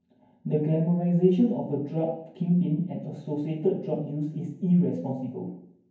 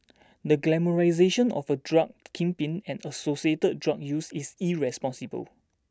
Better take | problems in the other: second | room echo; dies away in 0.9 s

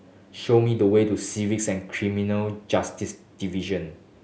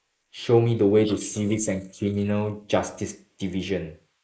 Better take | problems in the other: first | noise reduction (neural mask model Resemble Enhance denoiser)

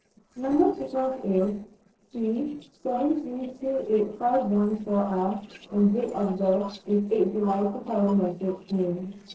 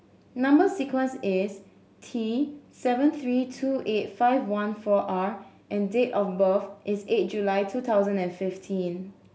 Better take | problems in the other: second | noise reduction (neural separator model SepFormer DNS4)

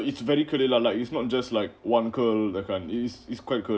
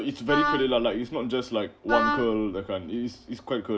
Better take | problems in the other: first | background sound (Wind instrument, woodwind instrument); 2 dB below the speech

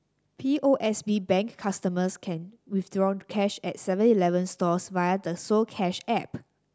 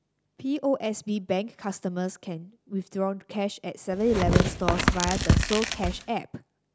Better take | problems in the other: first | background sound (Tearing); 4 dB above the speech

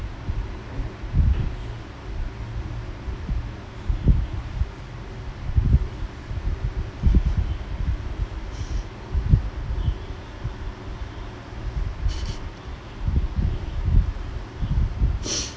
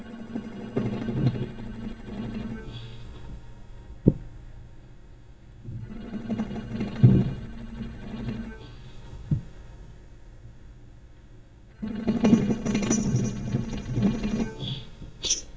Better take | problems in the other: first | noise reduction (neural mask model DeepFilterNet 3)

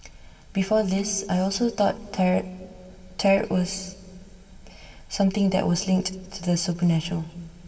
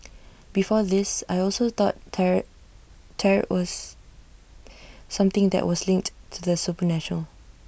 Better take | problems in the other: second | room echo; dies away in 1.9 s

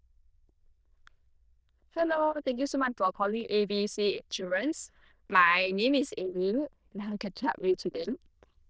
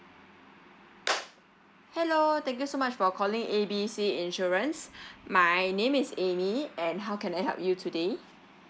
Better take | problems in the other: second | noise reduction (neural diffusion model UNIVERSE++)

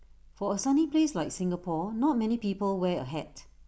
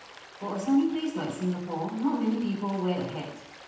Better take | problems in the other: first | background sound (Stream); 19 dB below the speech // room echo; dies away in 0.9 s

